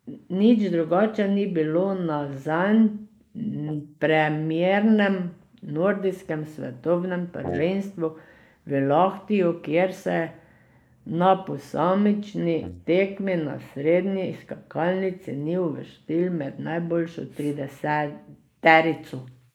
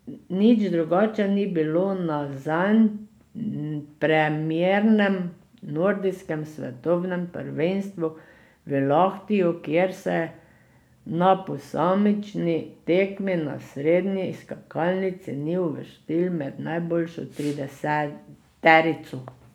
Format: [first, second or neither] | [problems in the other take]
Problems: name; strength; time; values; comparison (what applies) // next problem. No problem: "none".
second | noise reduction (neural mask model Resemble Enhance denoiser)